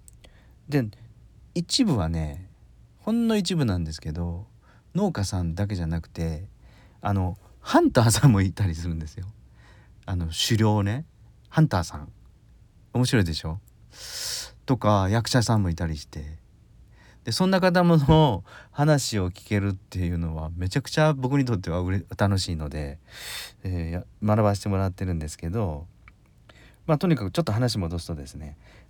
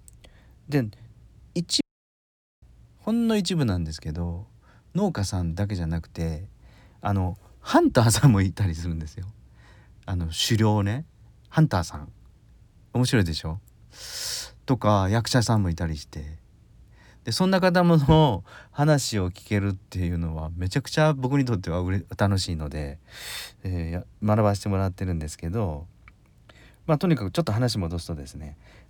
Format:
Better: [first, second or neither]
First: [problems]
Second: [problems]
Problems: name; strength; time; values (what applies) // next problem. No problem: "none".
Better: first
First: none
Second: audio cutting out; at 2 s for 1 s